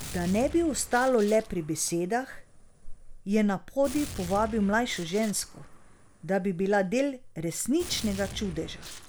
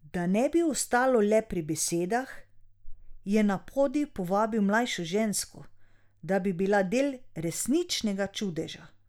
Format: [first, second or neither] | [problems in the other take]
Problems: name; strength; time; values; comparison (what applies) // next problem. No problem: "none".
second | background sound (Gunshot, gunfire); 15 dB below the speech